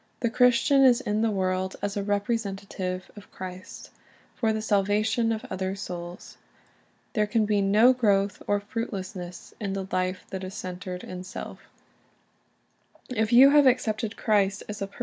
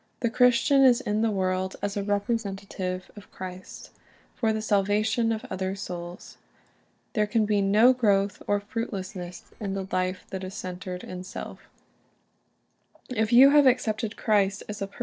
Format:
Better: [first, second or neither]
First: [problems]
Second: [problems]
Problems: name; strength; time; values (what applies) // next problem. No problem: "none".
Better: first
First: none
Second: noise reduction (neural separator model SepFormer DNS4)